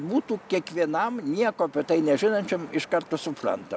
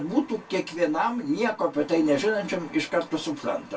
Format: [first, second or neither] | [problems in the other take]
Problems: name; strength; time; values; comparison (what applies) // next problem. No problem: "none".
first | room echo; dies away in 0.2 s